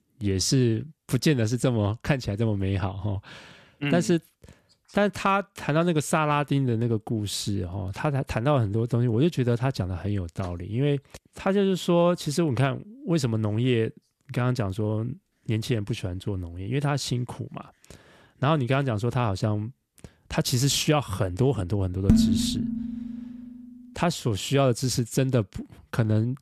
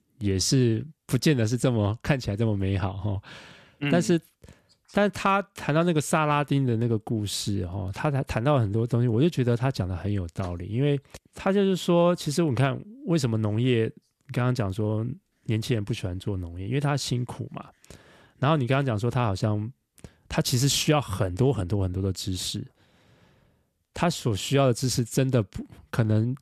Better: second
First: clattering dishes; loud; from 22 to 23 s; peak 5 dB above the speech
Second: none

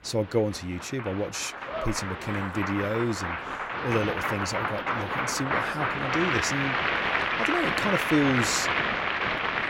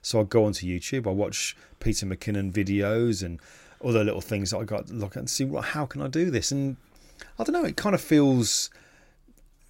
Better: second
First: crowd noise; very loud; throughout; 2 dB above the speech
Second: none

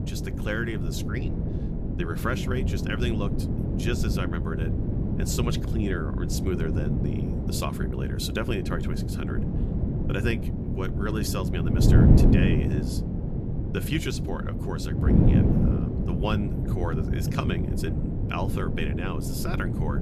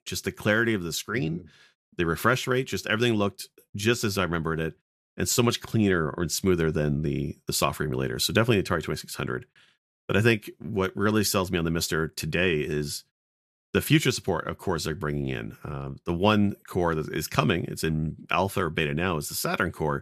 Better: second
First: wind noise on the microphone; heavy; 1 dB below the speech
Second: none

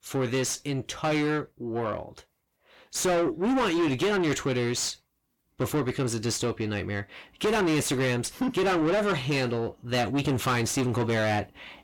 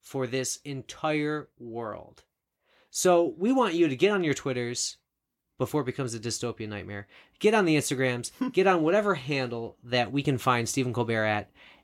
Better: second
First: distortion; heavy; 6 dB below the speech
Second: none

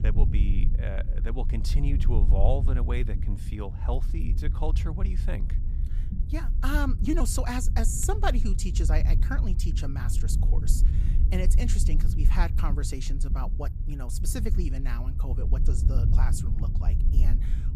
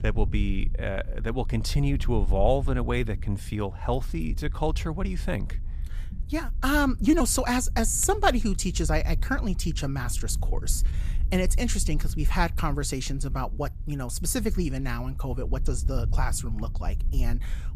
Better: second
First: low rumble; loud; throughout; 9 dB below the speech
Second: low rumble; faint; throughout; 20 dB below the speech

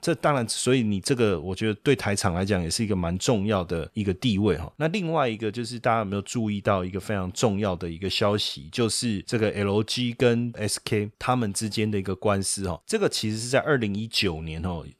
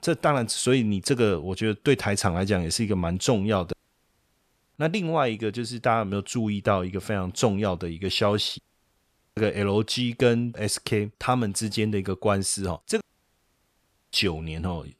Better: first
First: none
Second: audio cutting out; at 3.5 s for 1 s, at 8.5 s for 1 s and at 13 s for 1 s

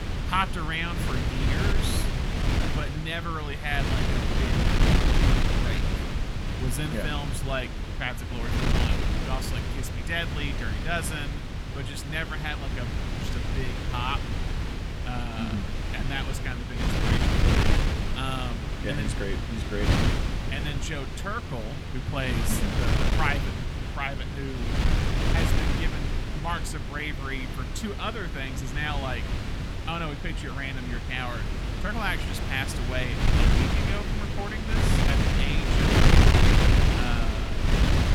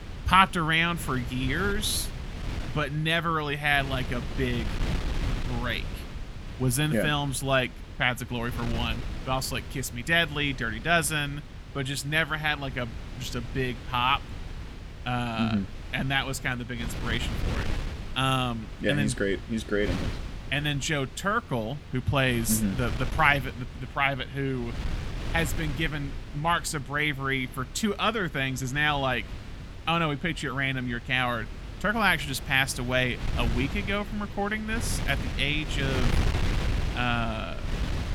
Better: second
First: wind noise on the microphone; heavy; as loud as the speech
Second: wind noise on the microphone; occasional gusts; 15 dB below the speech

